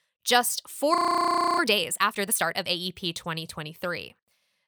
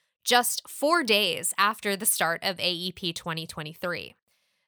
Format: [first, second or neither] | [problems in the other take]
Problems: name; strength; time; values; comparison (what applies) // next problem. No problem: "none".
second | audio freezing; at 1 s for 0.5 s